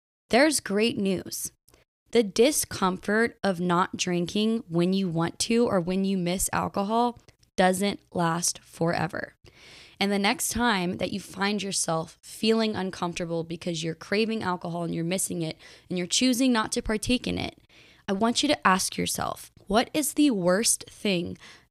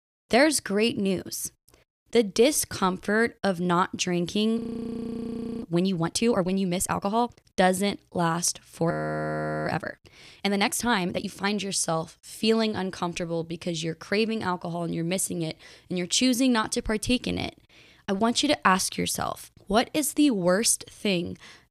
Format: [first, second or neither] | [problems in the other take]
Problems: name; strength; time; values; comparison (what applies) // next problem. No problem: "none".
first | audio freezing; at 4.5 s for 1 s and at 9 s for 1 s